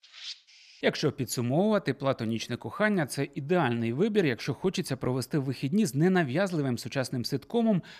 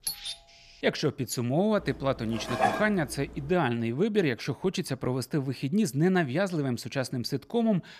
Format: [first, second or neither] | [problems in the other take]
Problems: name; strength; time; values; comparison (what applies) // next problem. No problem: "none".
first | doorbell; noticeable; at the start; peak 5 dB below the speech // clattering dishes; loud; at 2.5 s; peak 1 dB above the speech